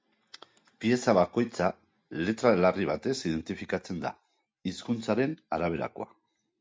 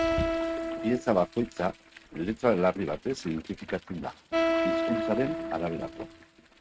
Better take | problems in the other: first | noise reduction (neural mask model RNNoise)

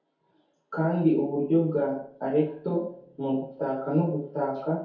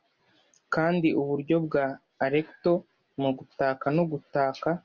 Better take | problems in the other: second | room echo; dies away in 0.6 s

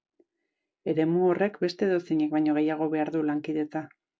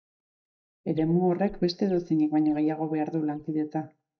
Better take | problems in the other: first | noise reduction (neural mask model DeepFilterNet 3)

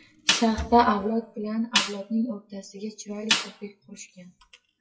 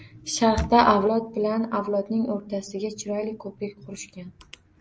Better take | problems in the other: second | noise reduction (classical method WPE with log-MMSE)

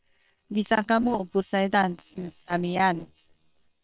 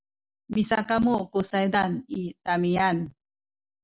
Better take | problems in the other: second | noise reduction (neural separator model SepFormer WHAM!)

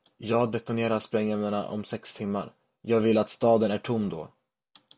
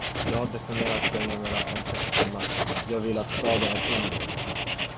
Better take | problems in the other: first | background sound (Writing); 3 dB above the speech

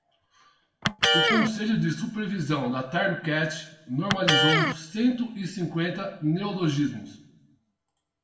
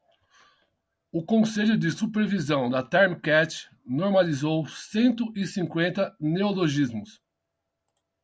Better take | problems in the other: second | background sound (Electric guitar); 1 dB below the speech // room echo; dies away in 0.7 s

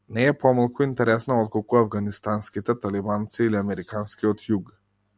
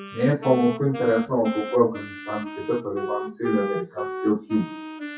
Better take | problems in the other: first | noise reduction (classical method WPE with log-MMSE)

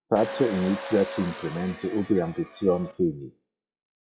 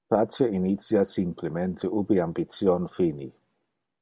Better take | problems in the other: second | noise reduction (classical method log-MMSE)

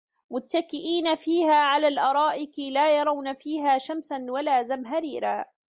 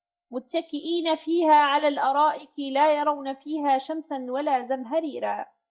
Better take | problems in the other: first | noise reduction (neural mask model DeepFilterNet 3)

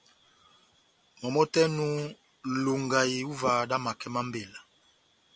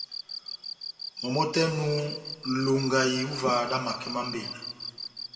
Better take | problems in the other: first | background sound (Cricket); 10 dB below the speech // room echo; dies away in 2 s

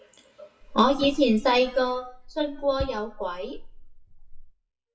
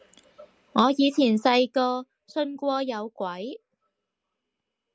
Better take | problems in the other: second | noise reduction (classical method WPE with log-MMSE)

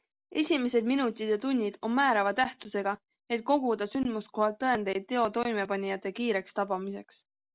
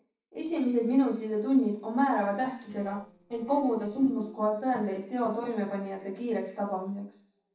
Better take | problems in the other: first | noise reduction (neural separator model SepFormer DNS4)

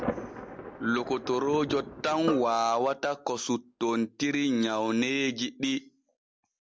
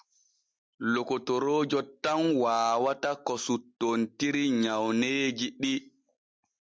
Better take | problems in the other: second | background sound (Thunder + Drum); 12 dB below the speech

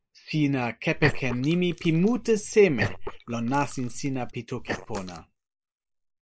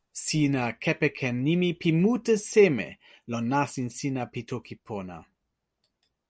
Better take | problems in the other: second | noise reduction (neural mask model Resemble Enhance denoiser)

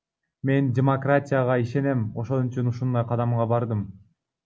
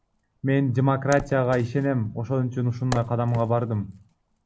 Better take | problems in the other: first | background sound (Wood); 17 dB below the speech

